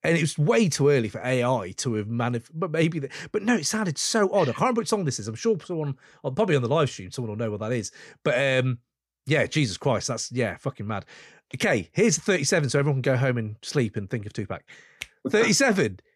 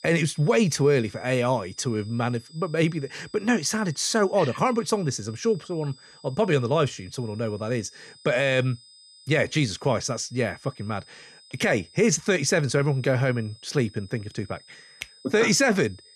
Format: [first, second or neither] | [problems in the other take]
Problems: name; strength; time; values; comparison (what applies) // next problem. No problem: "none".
first | high-pitched whine; faint; throughout; 5 kHz, 25 dB below the speech